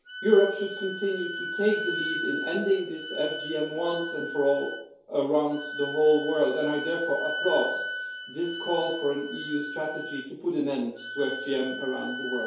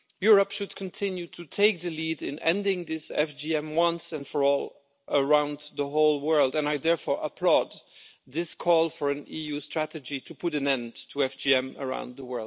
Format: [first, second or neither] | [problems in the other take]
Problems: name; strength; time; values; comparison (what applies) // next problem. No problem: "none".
second | background sound (Wind instrument, woodwind instrument); 8 dB below the speech // room echo; dies away in 2.4 s